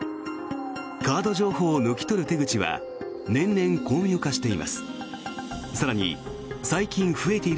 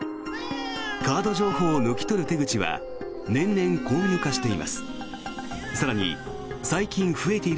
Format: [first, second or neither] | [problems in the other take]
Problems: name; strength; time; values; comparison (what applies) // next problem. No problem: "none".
first | background sound (Animal); 9 dB below the speech